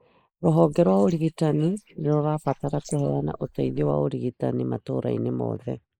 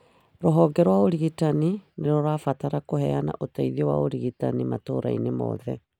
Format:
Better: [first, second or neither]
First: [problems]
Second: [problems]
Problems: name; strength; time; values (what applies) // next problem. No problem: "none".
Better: second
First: noise reduction (neural mask model Resemble Enhance denoiser)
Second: none